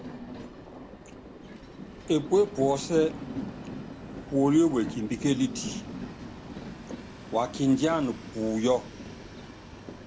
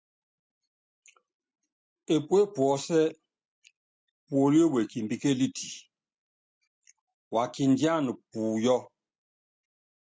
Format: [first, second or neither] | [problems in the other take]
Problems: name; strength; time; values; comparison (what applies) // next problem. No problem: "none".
second | background sound (Train); 11 dB below the speech